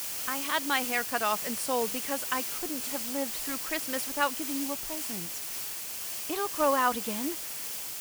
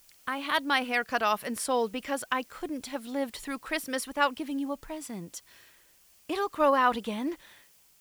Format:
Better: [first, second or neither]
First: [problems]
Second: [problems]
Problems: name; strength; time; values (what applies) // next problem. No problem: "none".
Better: second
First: hiss; loud; throughout; 1 dB below the speech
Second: hiss; faint; throughout; 25 dB below the speech